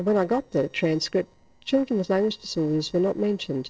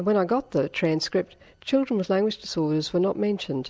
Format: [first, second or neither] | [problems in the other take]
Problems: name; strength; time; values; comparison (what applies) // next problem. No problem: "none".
second | noise reduction (neural separator model SepFormer DNS4)